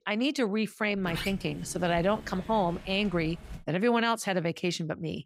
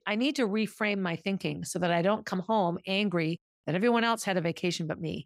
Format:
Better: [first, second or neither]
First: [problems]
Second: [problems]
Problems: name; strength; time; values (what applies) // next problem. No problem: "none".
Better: second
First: door banging; noticeable; from 1 to 3.5 s; peak 7 dB below the speech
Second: none